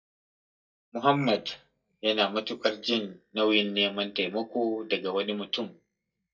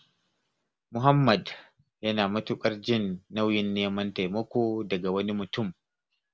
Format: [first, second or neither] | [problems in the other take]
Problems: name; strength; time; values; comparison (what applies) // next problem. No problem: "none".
second | noise reduction (neural mask model DeepFilterNet 3)